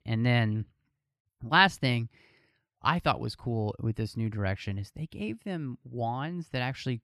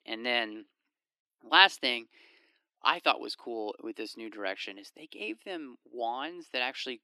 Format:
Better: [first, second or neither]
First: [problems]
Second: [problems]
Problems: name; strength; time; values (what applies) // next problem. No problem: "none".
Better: first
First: none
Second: thin; very; fading below 300 Hz